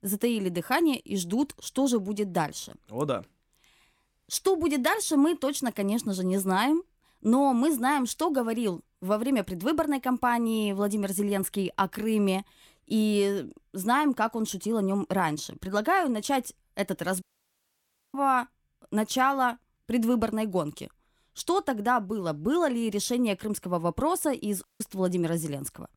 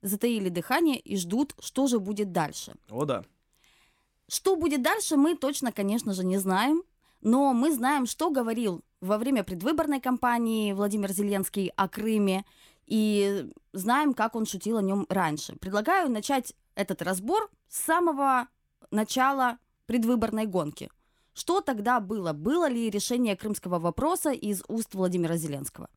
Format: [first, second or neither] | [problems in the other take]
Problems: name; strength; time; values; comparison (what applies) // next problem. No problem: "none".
second | audio cutting out; at 17 s for 1 s and at 25 s